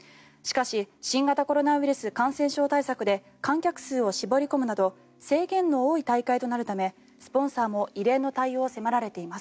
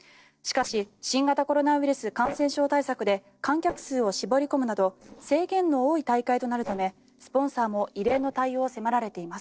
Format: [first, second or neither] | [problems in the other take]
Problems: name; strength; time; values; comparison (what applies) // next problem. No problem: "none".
first | noise reduction (neural separator model SepFormer DNS4)